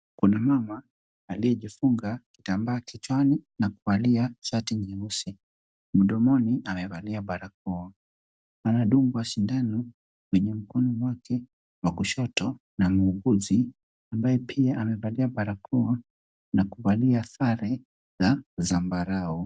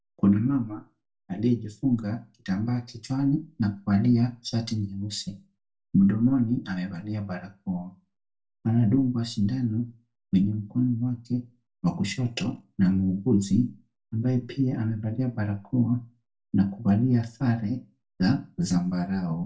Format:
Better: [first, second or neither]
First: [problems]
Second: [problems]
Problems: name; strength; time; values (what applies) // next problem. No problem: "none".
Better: first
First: none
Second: room echo; dies away in 0.2 s